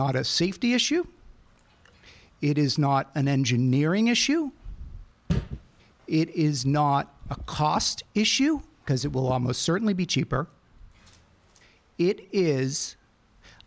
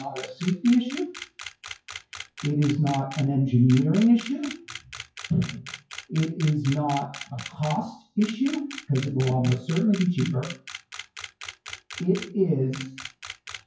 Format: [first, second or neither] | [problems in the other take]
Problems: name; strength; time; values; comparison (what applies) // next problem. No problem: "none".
first | noise reduction (classical method WPE with log-MMSE)